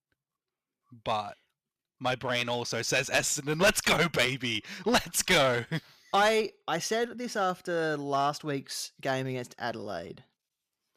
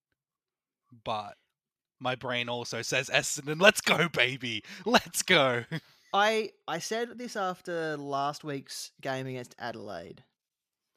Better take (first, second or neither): second